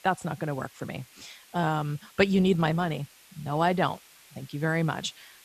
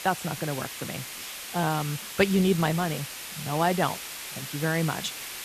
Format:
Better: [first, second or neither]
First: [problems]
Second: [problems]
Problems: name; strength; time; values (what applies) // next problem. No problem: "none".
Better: first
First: hiss; faint; throughout; 25 dB below the speech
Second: hiss; loud; throughout; 8 dB below the speech